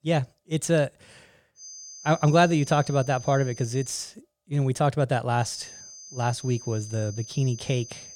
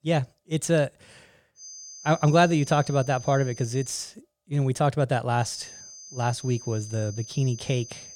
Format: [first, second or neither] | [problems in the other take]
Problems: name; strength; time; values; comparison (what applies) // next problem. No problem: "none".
neither | high-pitched whine; noticeable; from 1.5 to 4 s and from 5.5 s on; 6 kHz, 15 dB below the speech; the same in both